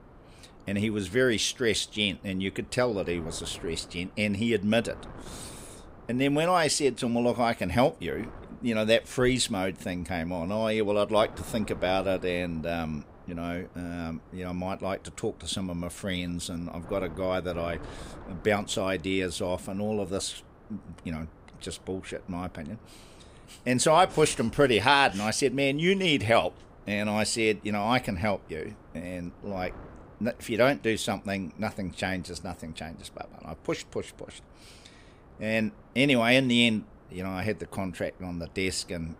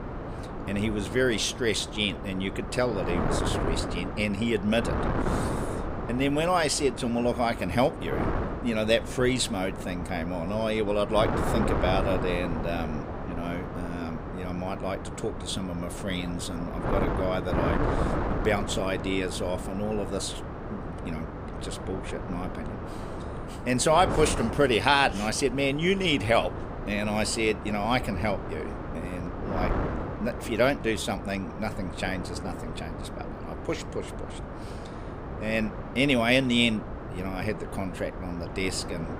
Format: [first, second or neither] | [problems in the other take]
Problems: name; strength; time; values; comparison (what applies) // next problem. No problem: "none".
first | wind noise on the microphone; heavy; 8 dB below the speech; occasional gusts in the first